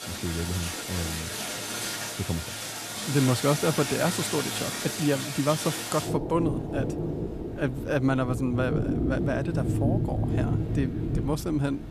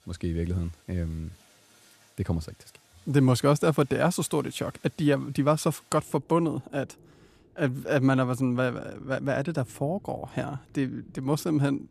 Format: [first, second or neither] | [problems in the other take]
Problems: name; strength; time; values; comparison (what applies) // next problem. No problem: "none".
second | rain or running water; loud; throughout; 1 dB below the speech; faint in the second